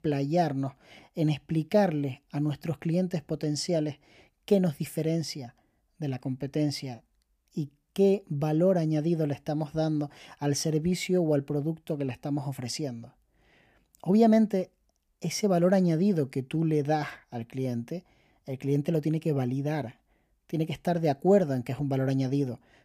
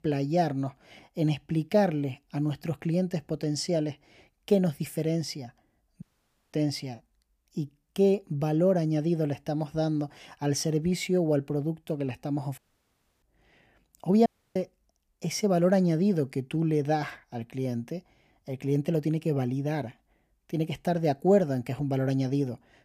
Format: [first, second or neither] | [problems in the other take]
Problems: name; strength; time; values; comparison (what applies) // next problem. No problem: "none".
first | audio cutting out; at 6 s for 0.5 s, at 13 s for 0.5 s and at 14 s